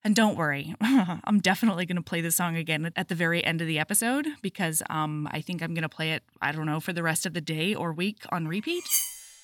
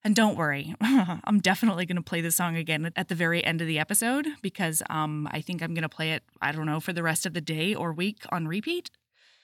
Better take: second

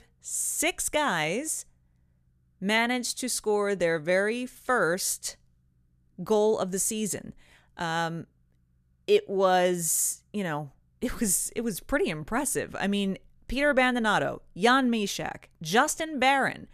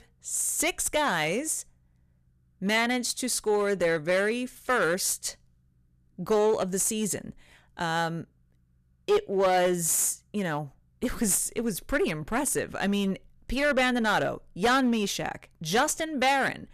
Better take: first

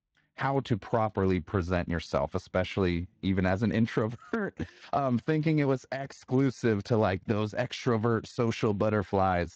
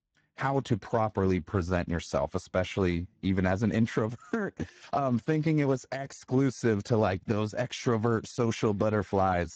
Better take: first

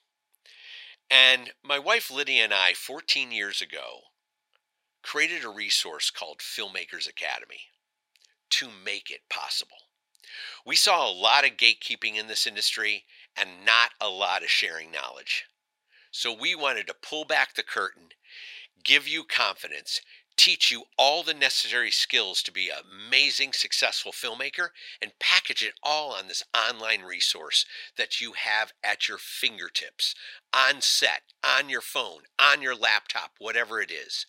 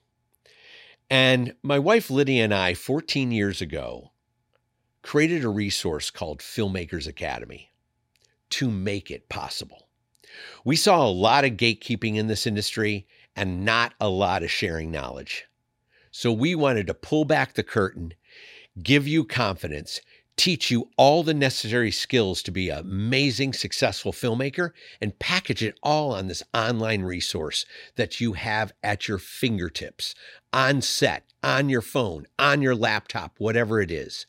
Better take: second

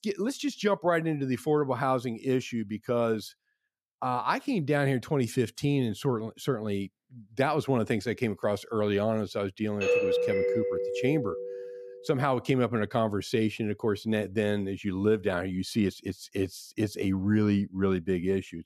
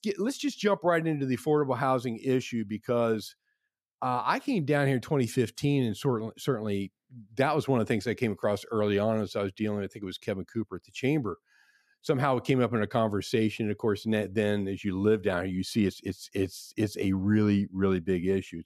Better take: second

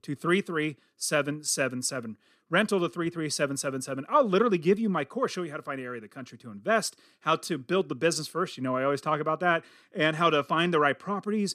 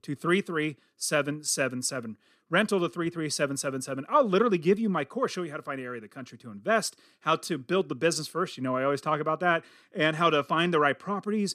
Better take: neither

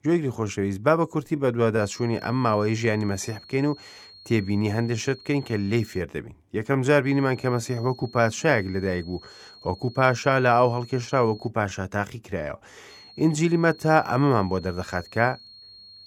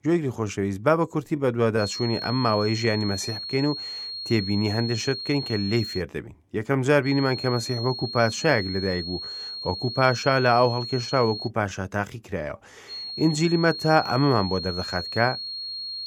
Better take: first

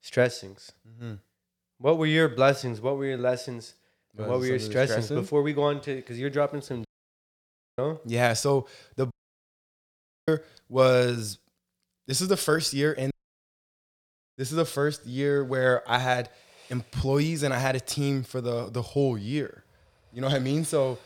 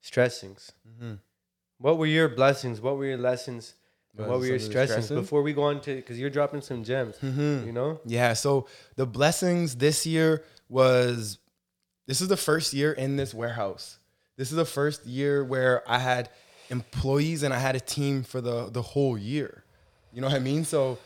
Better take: second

